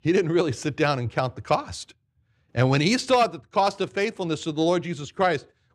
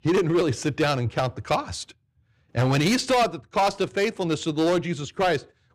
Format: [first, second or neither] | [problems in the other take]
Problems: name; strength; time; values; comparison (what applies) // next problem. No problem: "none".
first | distortion; slight; 9% of the sound clipped